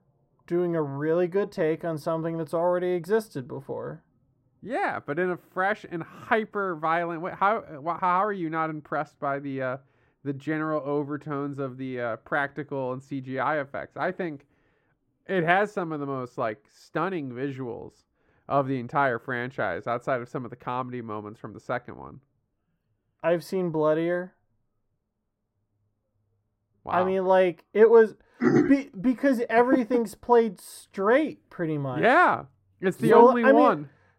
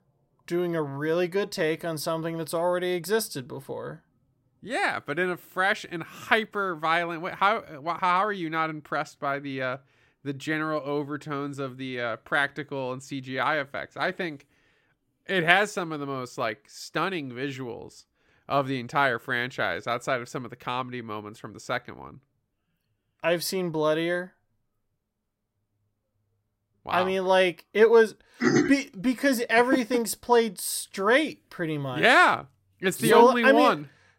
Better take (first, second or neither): second